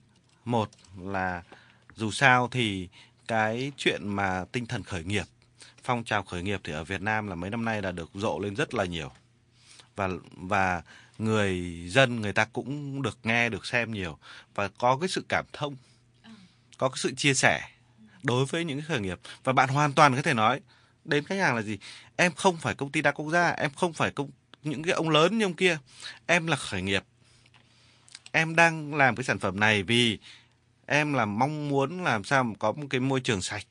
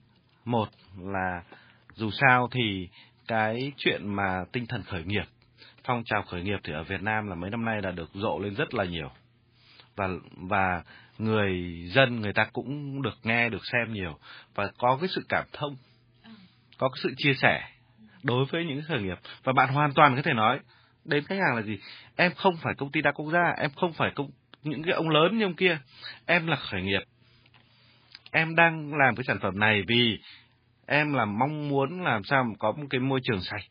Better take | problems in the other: first | garbled, watery; badly; slightly in the first

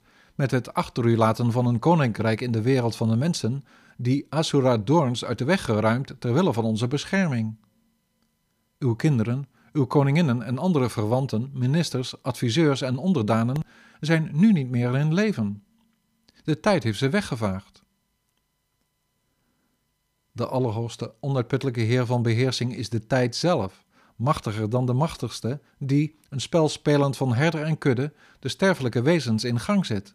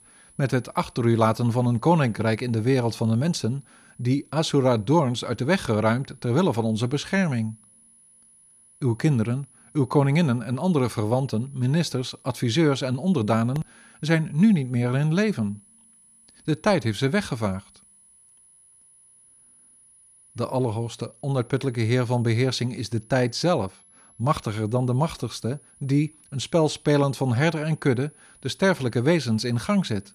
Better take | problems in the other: first | high-pitched whine; faint; throughout; 10.5 kHz, 30 dB below the speech

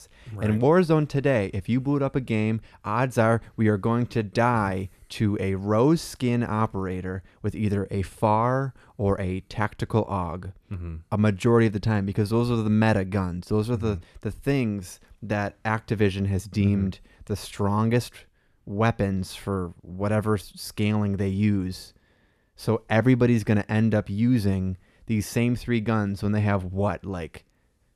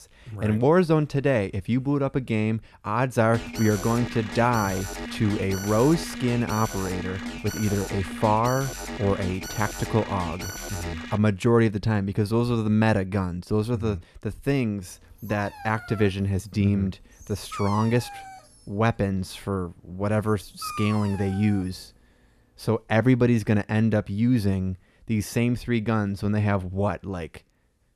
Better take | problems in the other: first | alarm; noticeable; from 3.5 to 11 s; peak 8 dB below the speech // dog barking; noticeable; from 15 to 22 s; peak 9 dB below the speech

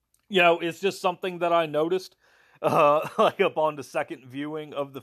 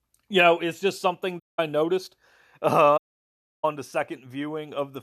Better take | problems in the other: first | audio cutting out; at 1.5 s and at 3 s for 0.5 s

